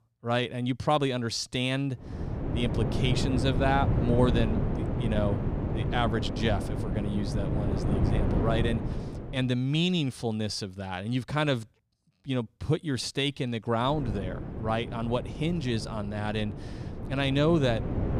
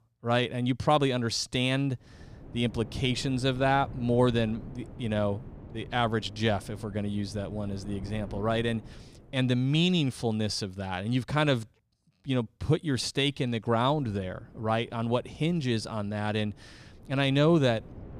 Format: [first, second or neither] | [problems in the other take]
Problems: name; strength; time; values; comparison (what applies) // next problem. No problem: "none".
second | wind noise on the microphone; heavy; from 2 to 9.5 s and from 14 s on; 7 dB below the speech; occasional gusts in the second